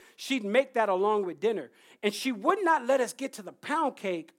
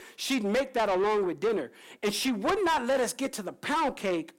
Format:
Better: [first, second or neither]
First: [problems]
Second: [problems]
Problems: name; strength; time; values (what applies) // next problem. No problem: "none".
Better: first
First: none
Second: distortion; heavy; 7 dB below the speech